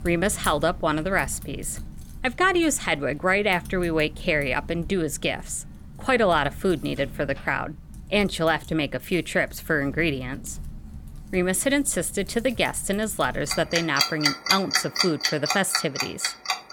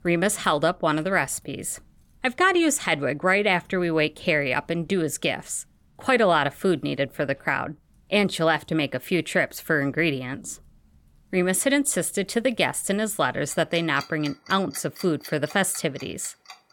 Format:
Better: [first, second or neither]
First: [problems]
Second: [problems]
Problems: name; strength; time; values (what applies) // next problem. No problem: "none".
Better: second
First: household noises; loud; throughout; 5 dB below the speech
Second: household noises; faint; throughout; 25 dB below the speech